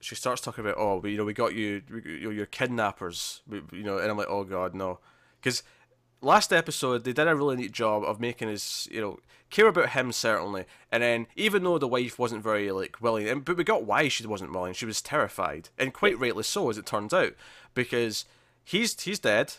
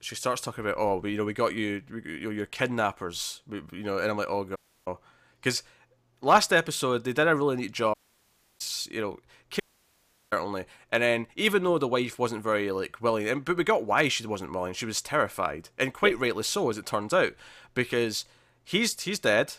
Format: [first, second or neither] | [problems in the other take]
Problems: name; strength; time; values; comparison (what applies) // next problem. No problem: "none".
first | audio cutting out; at 4.5 s, at 8 s for 0.5 s and at 9.5 s for 0.5 s